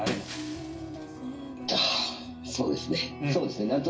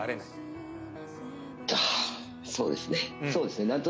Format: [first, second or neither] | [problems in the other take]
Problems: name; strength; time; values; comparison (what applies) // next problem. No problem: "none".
second | background sound (Shatter); 13 dB below the speech // room echo; dies away in 0.1 s